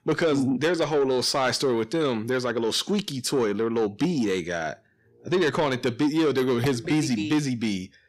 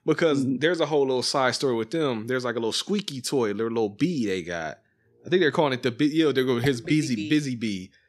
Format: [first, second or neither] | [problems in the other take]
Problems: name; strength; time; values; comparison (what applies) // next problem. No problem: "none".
second | distortion; slight; 10 dB below the speech